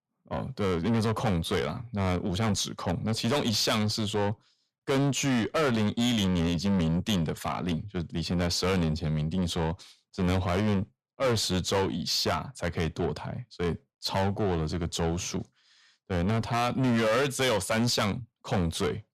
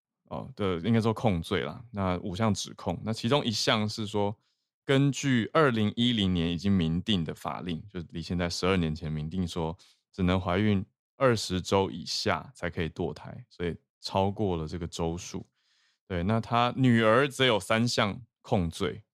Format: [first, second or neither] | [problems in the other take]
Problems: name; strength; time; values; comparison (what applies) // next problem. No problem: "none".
second | distortion; heavy; 6 dB below the speech